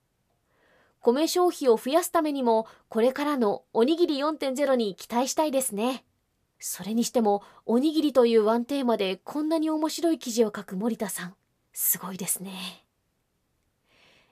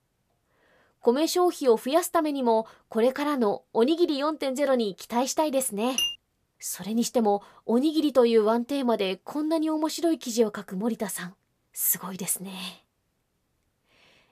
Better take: first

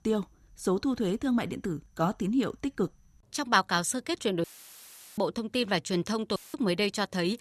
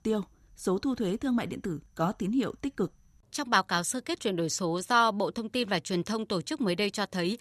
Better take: second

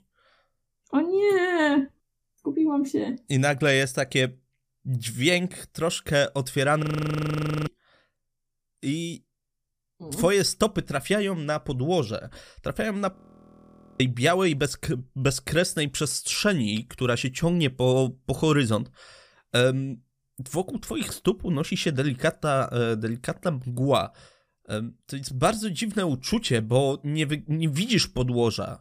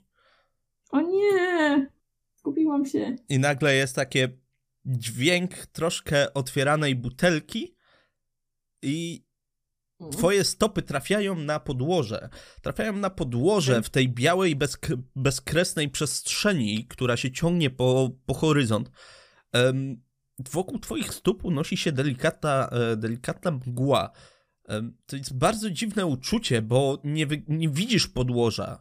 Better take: second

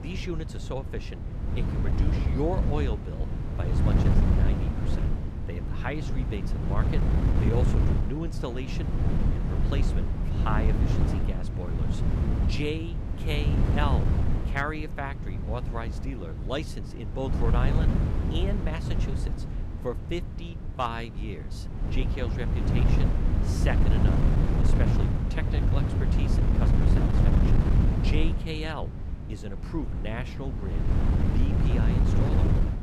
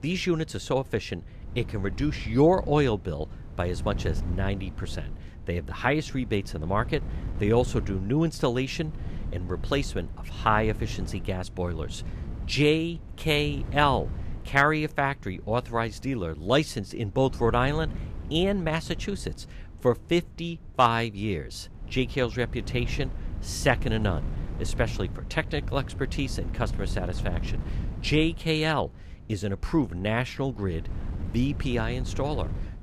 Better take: second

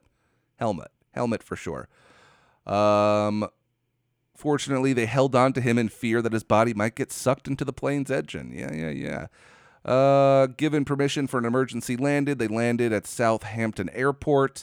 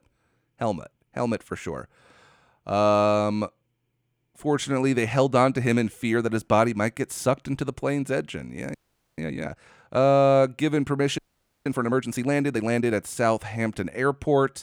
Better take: first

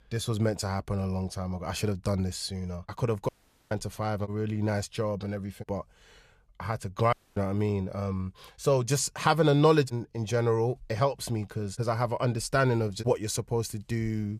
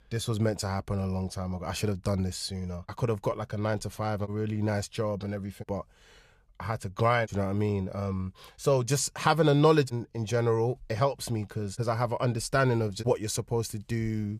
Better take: second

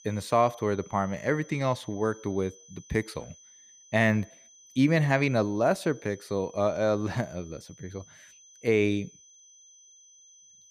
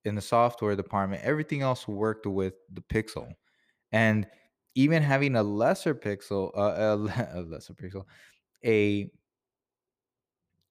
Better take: second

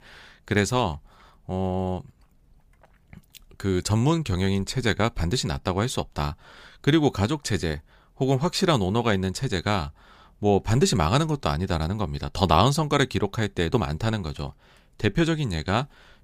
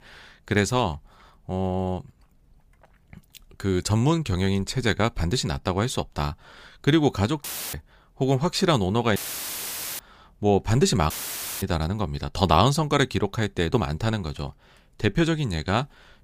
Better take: first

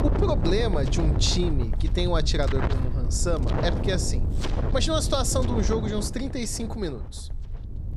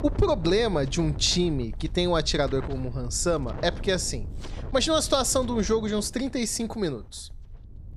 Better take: second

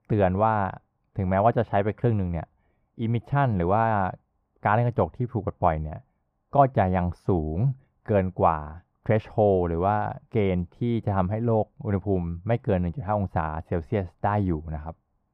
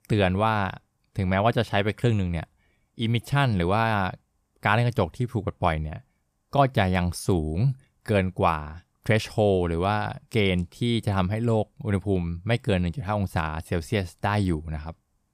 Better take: second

